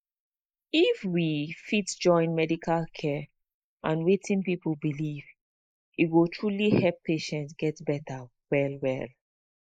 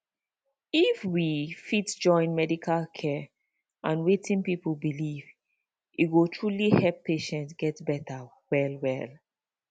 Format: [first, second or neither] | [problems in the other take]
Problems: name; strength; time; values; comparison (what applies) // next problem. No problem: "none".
second | noise reduction (neural mask model Resemble Enhance denoiser)